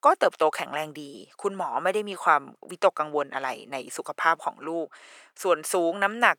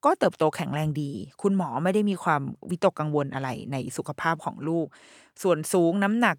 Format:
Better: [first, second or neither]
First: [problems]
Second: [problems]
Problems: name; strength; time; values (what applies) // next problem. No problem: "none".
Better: second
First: thin; very; fading below 550 Hz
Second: none